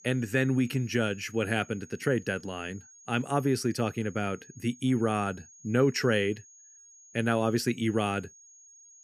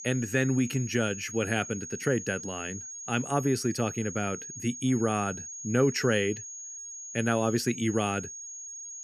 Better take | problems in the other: first | high-pitched whine; loud; throughout; 6.5 kHz, 9 dB below the speech; faint in the first

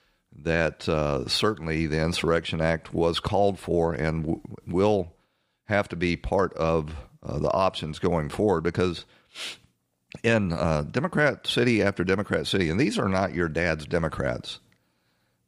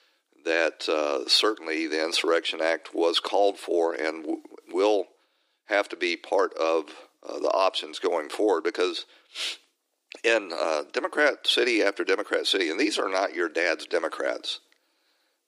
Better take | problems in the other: first | thin; very; fading below 300 Hz

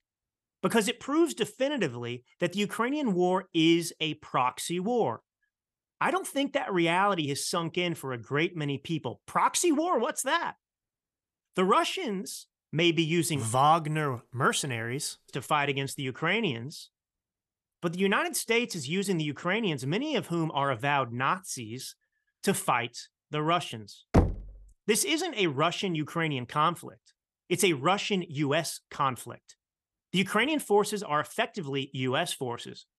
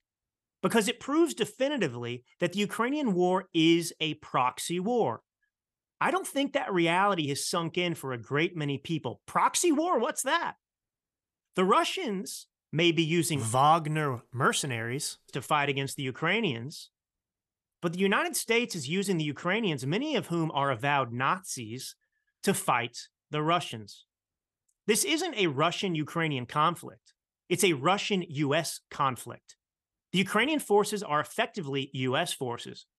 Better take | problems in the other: second | door banging; loud; at 24 s; peak 2 dB above the speech

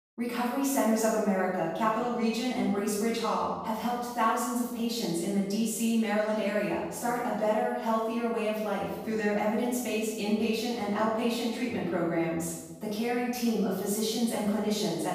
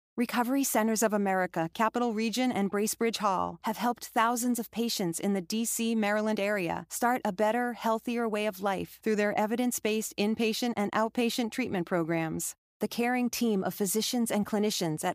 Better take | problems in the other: second | room echo; strong; dies away in 1 s // off-mic speech; far

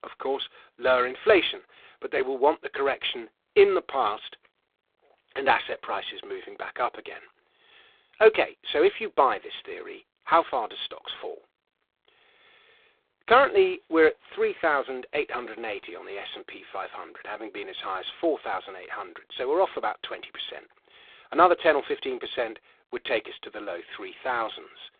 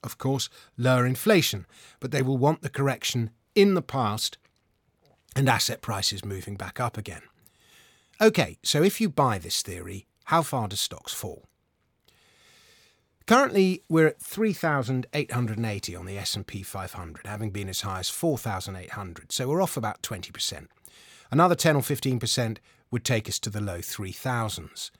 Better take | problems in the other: second | phone-call audio; poor line; nothing above 3.5 kHz

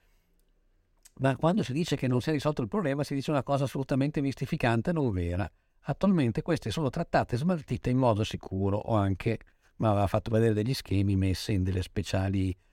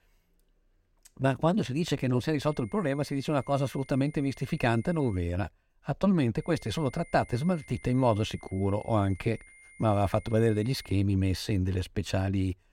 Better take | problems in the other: first | high-pitched whine; faint; from 2.5 to 5 s and from 6.5 to 11 s; 2 kHz, 25 dB below the speech

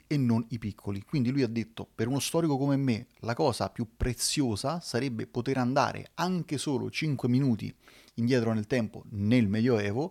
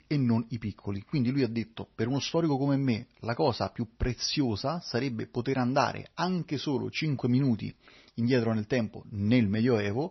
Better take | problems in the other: first | garbled, watery; slightly; nothing above 6 kHz

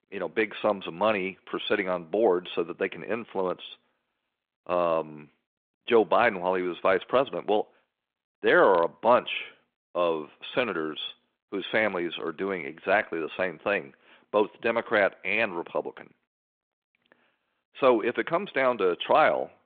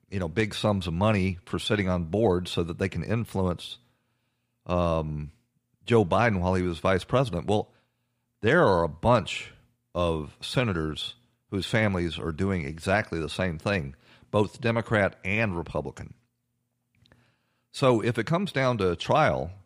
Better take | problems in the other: second | phone-call audio

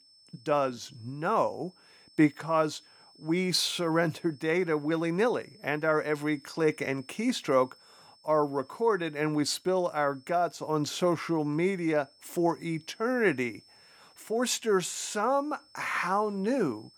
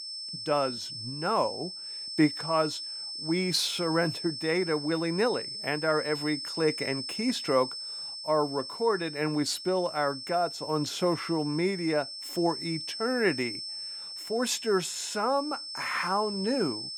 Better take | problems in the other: first | high-pitched whine; loud; throughout; 5.5 kHz, 6 dB below the speech; faint in the first

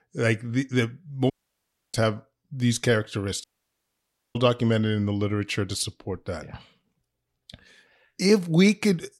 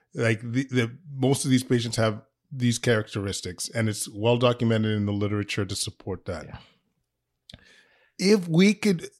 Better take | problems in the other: second | audio cutting out; at 1.5 s for 0.5 s and at 3.5 s for 1 s

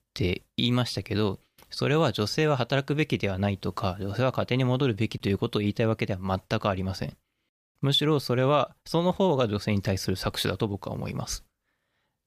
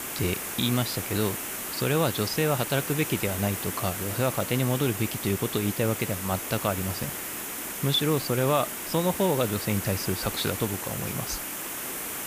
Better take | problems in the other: first | hiss; loud; throughout; 4 dB below the speech

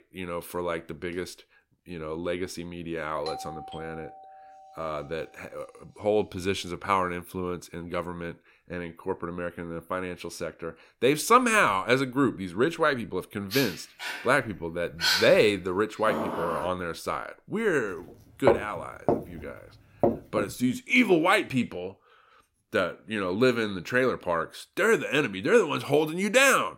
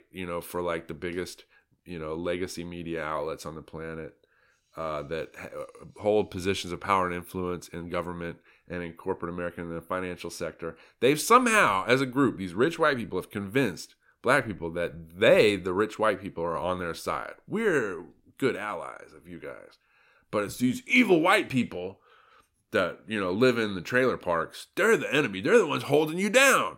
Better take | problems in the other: second | doorbell; faint; from 3.5 to 5 s; peak 10 dB below the speech // dog barking; loud; from 14 to 17 s; peak 3 dB above the speech // footsteps; loud; from 18 to 20 s; peak 1 dB above the speech

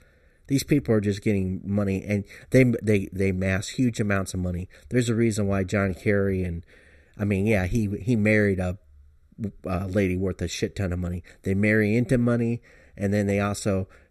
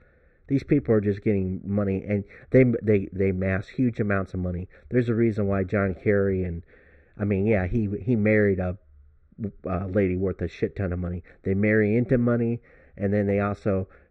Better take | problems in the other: first | muffled; very; fading above 1.5 kHz

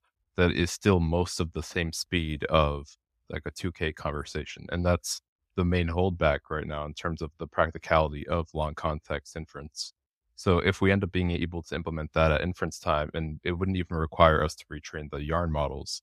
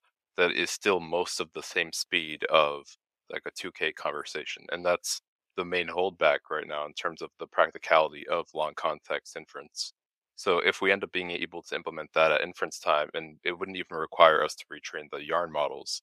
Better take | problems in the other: first | thin; very; fading below 500 Hz

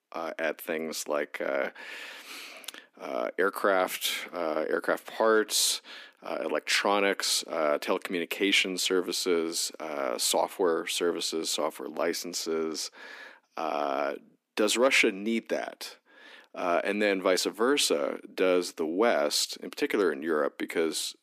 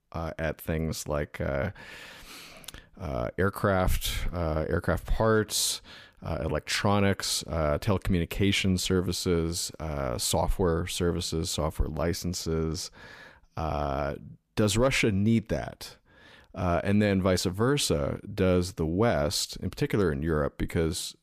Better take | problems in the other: second | thin; somewhat; fading below 250 Hz

